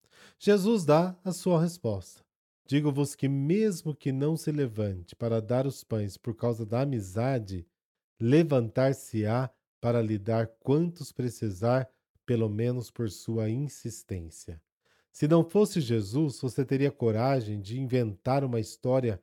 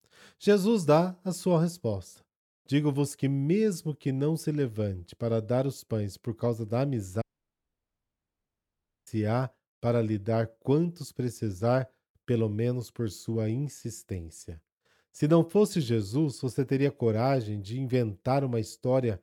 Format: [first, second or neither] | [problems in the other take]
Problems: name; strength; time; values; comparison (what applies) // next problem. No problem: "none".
first | audio cutting out; at 7 s for 2 s